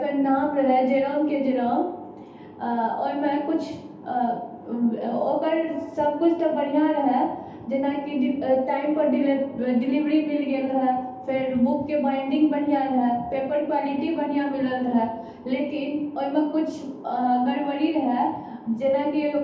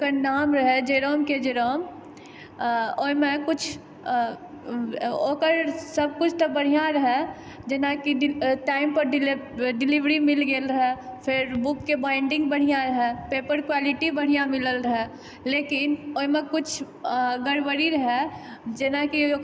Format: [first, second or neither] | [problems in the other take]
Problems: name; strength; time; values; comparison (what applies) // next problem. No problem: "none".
second | room echo; dies away in 0.8 s